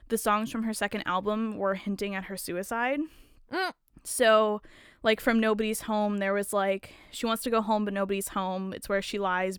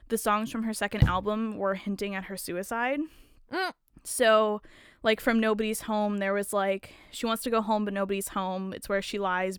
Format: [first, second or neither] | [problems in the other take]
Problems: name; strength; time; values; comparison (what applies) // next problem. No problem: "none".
first | door banging; loud; at 1 s; peak 1 dB above the speech